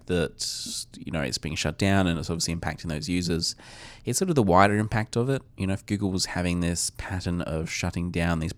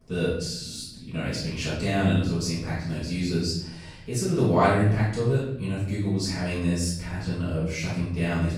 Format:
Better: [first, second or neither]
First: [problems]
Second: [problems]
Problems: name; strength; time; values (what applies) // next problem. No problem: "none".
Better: first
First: none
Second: off-mic speech; far // room echo; noticeable; dies away in 0.8 s